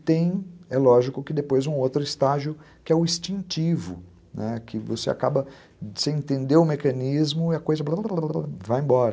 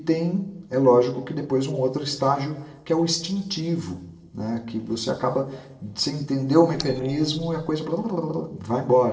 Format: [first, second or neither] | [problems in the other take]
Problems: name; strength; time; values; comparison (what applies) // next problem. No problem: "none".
first | noise reduction (neural separator model SepFormer DNS4)